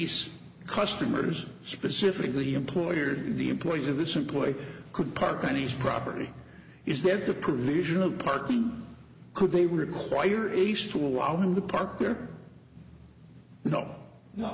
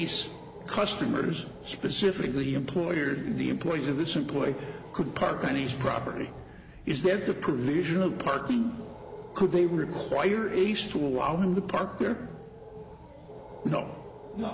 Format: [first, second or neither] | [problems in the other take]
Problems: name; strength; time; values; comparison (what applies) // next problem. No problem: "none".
first | background sound (Animal); 18 dB below the speech